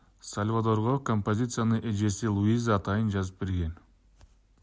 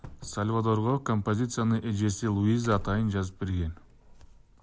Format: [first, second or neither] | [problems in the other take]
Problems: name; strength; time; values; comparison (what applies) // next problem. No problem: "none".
first | background sound (Doorbell); 18 dB below the speech